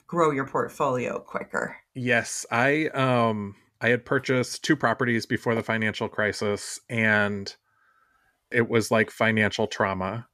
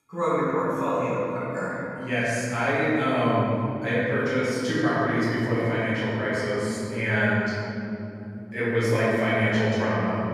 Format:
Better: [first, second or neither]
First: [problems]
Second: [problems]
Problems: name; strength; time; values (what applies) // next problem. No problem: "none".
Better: first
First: none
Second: room echo; strong; dies away in 3 s // off-mic speech; far